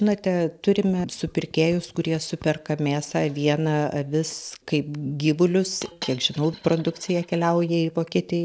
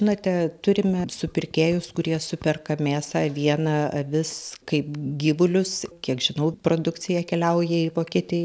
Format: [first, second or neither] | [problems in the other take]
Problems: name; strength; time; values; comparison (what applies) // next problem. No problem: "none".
second | noise reduction (neural mask model DeepFilterNet 3)